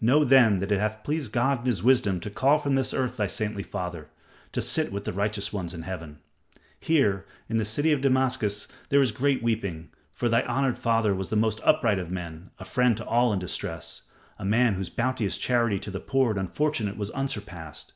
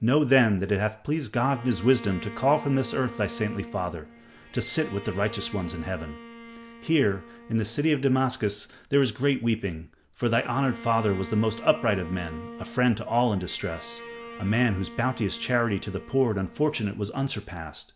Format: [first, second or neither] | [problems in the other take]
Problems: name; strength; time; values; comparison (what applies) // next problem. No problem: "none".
first | background sound (Bowed string instrument); 17 dB below the speech